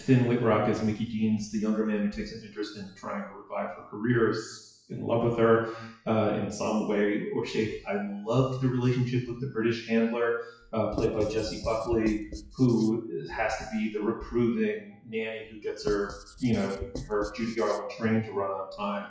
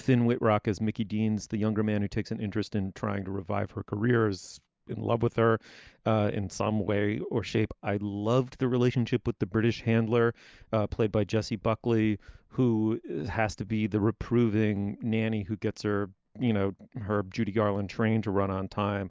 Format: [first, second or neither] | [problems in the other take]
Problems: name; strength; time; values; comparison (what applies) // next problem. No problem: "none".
second | noise reduction (classical method WPE with log-MMSE)